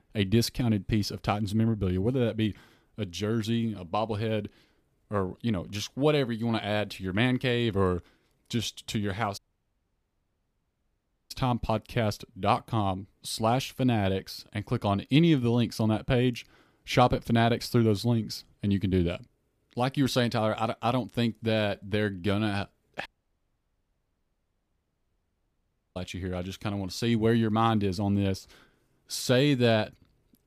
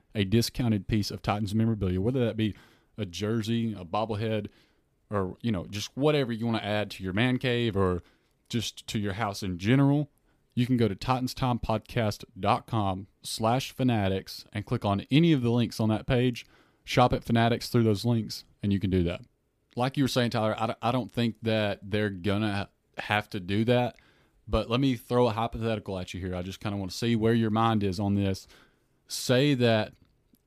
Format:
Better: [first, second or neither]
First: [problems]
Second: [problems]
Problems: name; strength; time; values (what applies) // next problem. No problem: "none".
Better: second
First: audio cutting out; at 9.5 s for 2 s and at 23 s for 3 s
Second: none